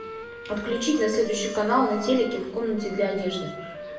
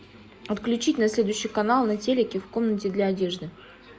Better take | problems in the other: second | background sound (Wind instrument, woodwind instrument); 12 dB below the speech // room echo; dies away in 0.8 s

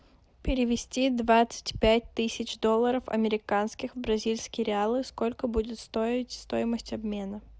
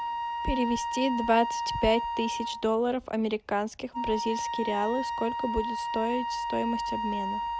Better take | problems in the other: first | background sound (Wind instrument, woodwind instrument); 3 dB below the speech

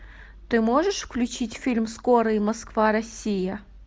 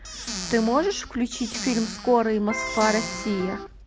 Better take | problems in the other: first | background sound (Squeak / Cupboard open or close + Electric guitar); 9 dB below the speech

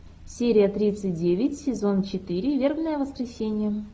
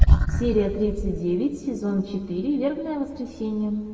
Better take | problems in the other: first | room echo; dies away in 1.8 s

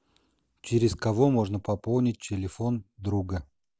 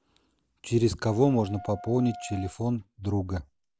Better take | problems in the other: first | background sound (Wind instrument, woodwind instrument); 17 dB below the speech

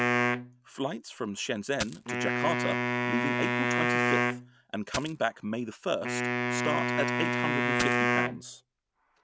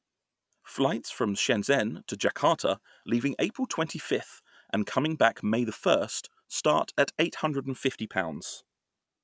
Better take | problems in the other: second | background sound (Wind instrument, woodwind instrument + Coin (dropping)); 5 dB above the speech

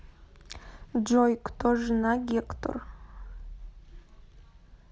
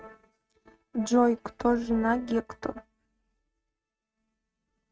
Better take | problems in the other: first | noise reduction (neural mask model RNNoise)

